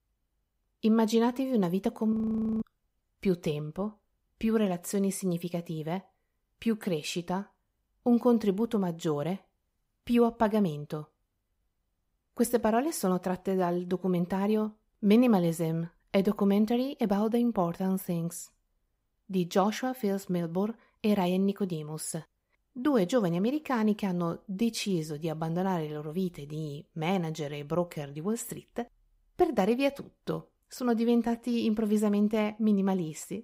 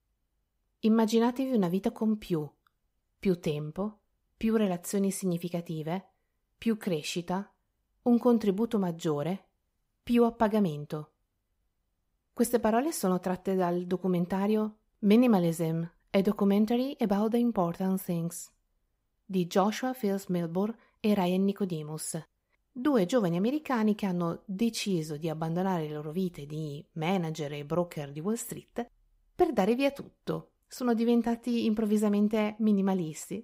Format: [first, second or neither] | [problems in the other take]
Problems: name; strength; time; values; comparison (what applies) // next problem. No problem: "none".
second | audio freezing; at 2 s